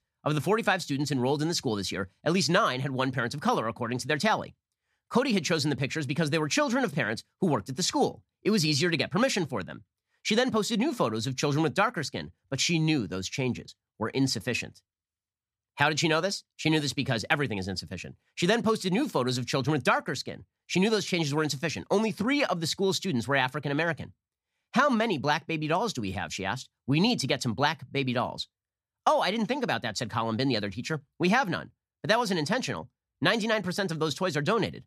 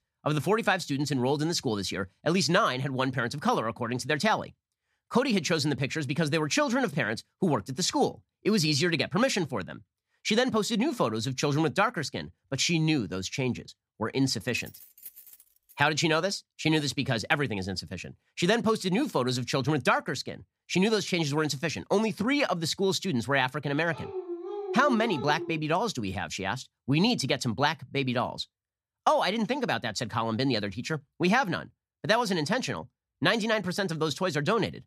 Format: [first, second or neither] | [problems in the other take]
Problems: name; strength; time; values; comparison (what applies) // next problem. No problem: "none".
first | jangling keys; faint; from 14 to 16 s; peak 15 dB below the speech // dog barking; noticeable; from 24 to 26 s; peak 7 dB below the speech